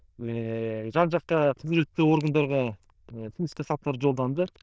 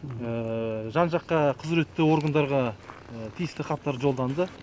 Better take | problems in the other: second | noise reduction (neural diffusion model UNIVERSE++)

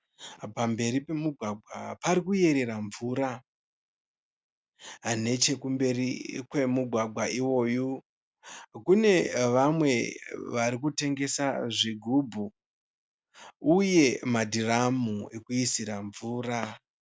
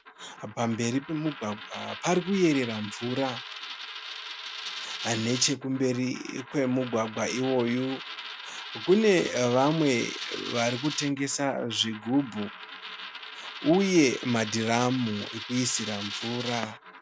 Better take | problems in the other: first | background sound (Coin (dropping)); 11 dB below the speech

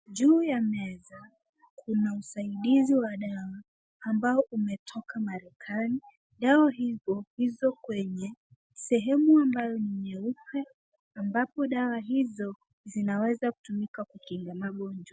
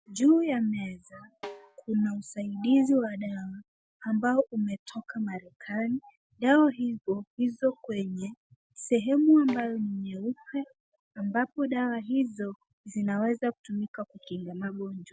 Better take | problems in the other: first | background sound (Snare drum); 19 dB below the speech

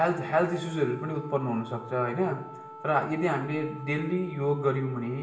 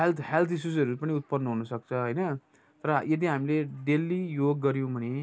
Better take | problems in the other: second | background sound (Wind instrument, woodwind instrument); 16 dB below the speech // room echo; dies away in 0.8 s

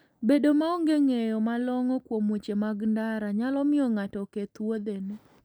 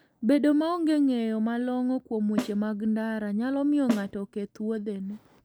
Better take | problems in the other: first | background sound (Snare drum); 11 dB below the speech

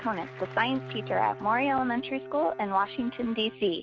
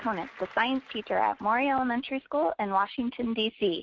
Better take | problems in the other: second | background sound (Bowed string instrument); 14 dB below the speech

